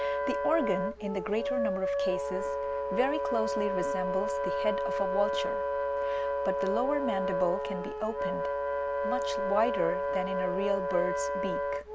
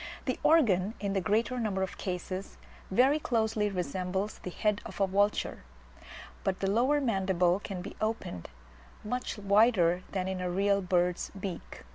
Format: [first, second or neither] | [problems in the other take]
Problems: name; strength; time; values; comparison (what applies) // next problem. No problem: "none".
second | background sound (Wind instrument, woodwind instrument); 2 dB above the speech